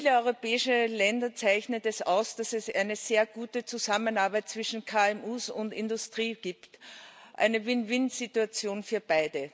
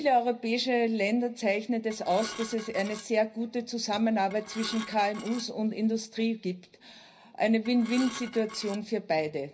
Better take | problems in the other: first | background sound (Dishes, pots, and pans / Glass); 14 dB below the speech // room echo; dies away in 0.5 s

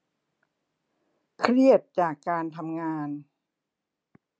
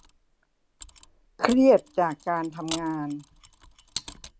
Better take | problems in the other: first | background sound (Mechanisms); 16 dB below the speech

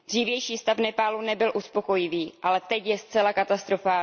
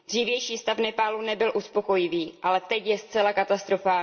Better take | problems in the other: first | room echo; dies away in 0.2 s

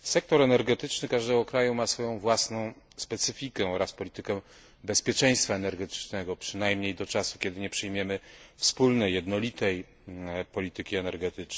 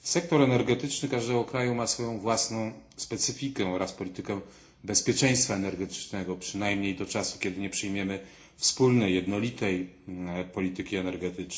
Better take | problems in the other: first | room echo; dies away in 0.4 s

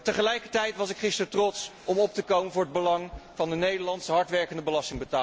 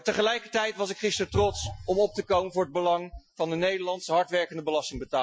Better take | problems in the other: first | noise reduction (classical method Wiener filter)

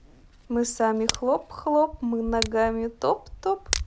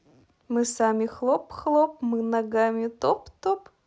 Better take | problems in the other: second | background sound (Tick); 9 dB below the speech

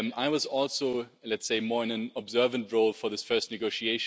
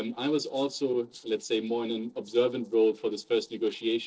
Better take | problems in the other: first | noise reduction (neural separator model SepFormer DNS4)

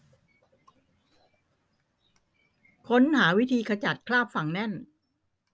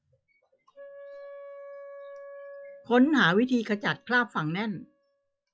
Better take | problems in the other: first | noise reduction (classical method log-MMSE)

